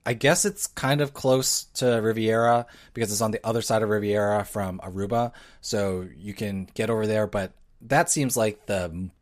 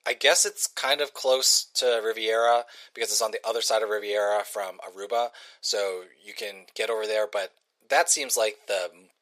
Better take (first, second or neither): first